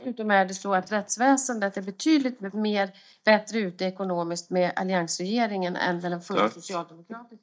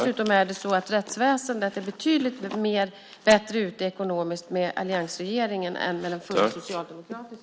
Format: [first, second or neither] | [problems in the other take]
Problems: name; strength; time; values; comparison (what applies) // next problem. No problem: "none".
second | noise reduction (neural mask model DeepFilterNet 3)